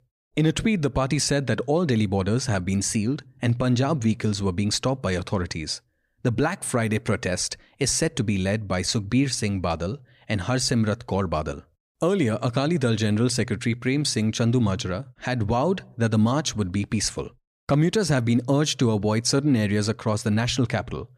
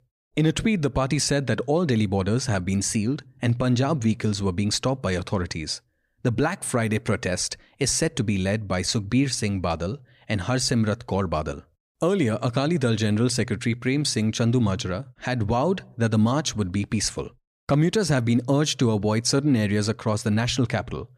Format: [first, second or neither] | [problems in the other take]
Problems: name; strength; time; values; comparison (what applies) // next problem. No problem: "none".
neither | none